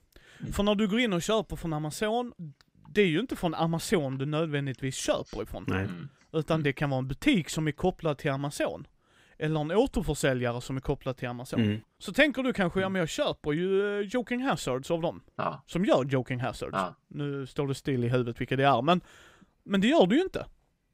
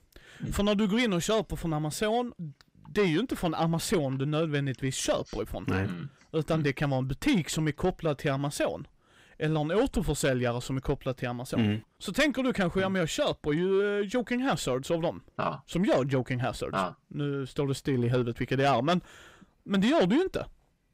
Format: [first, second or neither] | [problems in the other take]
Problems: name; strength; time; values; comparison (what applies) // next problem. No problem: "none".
first | distortion; slight; 10 dB below the speech